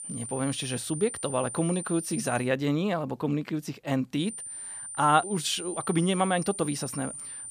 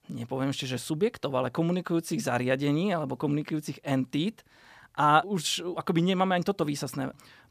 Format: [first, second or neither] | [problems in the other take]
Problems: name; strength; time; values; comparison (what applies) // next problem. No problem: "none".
second | high-pitched whine; loud; until 2.5 s and from 4.5 s on; 9 kHz, 8 dB below the speech